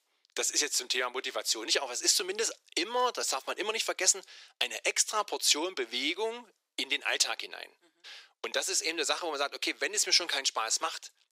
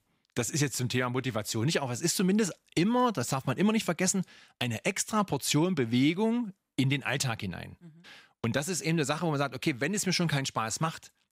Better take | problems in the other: second | thin; very; fading below 350 Hz

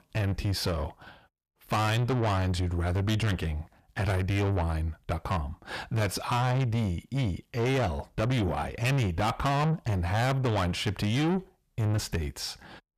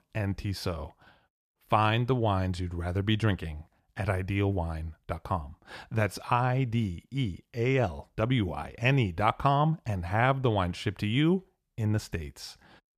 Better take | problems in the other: second | distortion; heavy; 6 dB below the speech

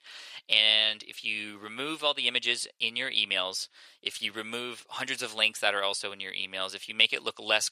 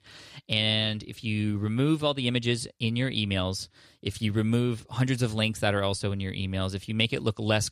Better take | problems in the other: second | thin; very; fading below 700 Hz

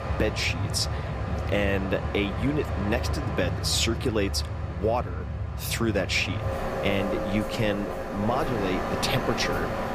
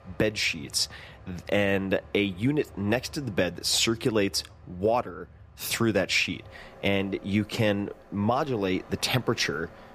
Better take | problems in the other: second | train or aircraft noise; loud; throughout; 3 dB below the speech; faint in the second

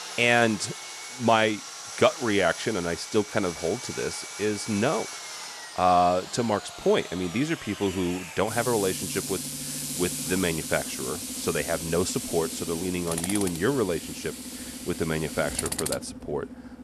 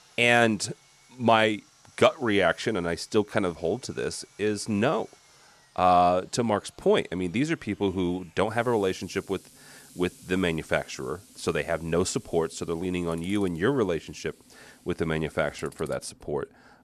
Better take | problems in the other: second | machinery noise; loud; throughout; 7 dB below the speech; faint in the second

